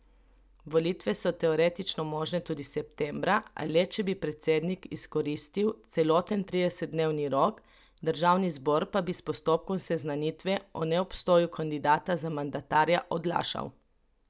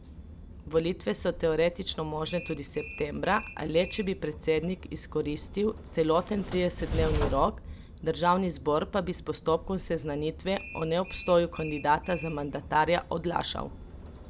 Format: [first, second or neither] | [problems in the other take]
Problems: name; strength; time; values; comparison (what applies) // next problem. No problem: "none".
first | background sound (Train); 10 dB below the speech